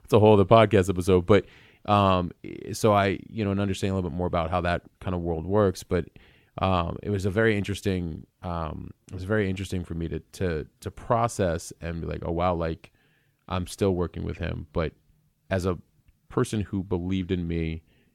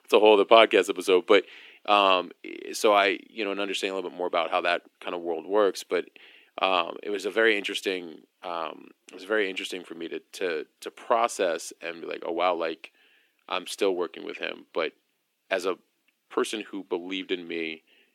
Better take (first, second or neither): first